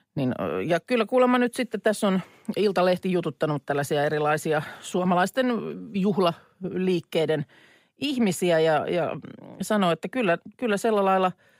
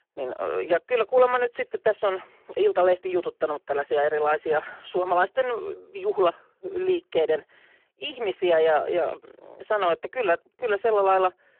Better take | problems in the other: first | phone-call audio; poor line

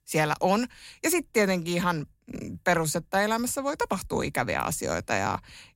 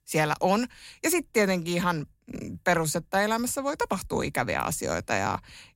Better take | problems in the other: neither | none

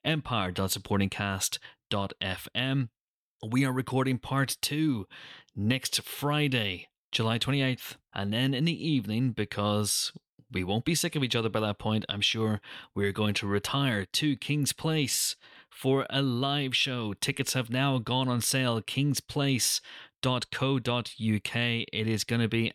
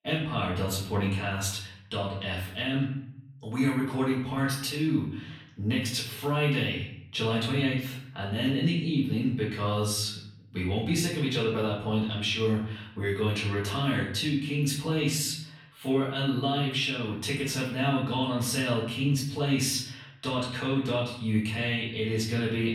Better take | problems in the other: first | room echo; noticeable; dies away in 0.7 s // off-mic speech; far

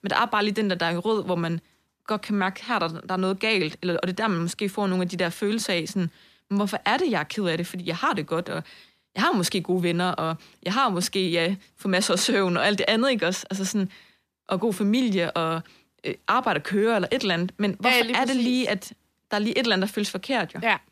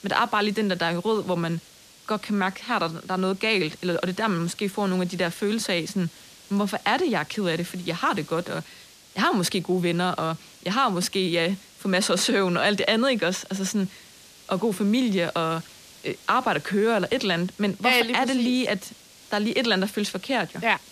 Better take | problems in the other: first | hiss; faint; throughout; 20 dB below the speech

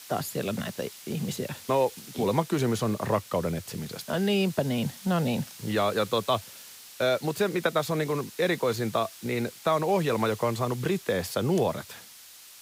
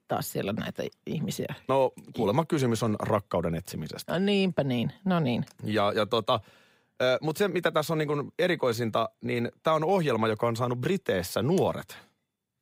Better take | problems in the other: second | hiss; noticeable; throughout; 15 dB below the speech

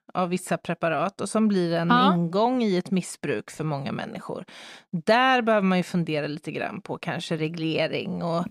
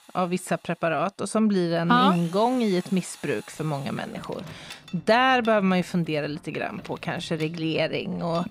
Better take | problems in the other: first | machinery noise; faint; throughout; 20 dB below the speech

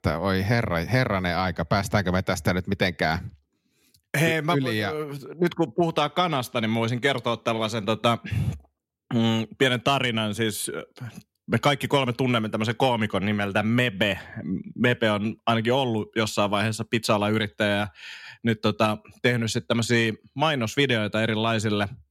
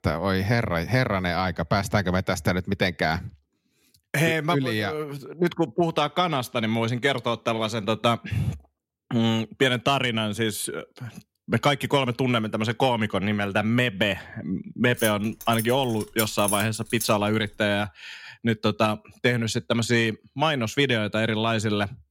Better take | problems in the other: first | jangling keys; noticeable; from 15 to 17 s; peak 3 dB below the speech

